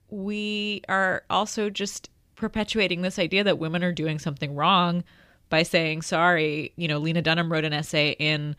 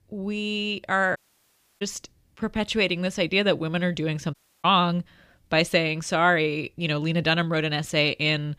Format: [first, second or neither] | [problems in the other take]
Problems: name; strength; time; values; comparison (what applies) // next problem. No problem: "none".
first | audio cutting out; at 1 s for 0.5 s and at 4.5 s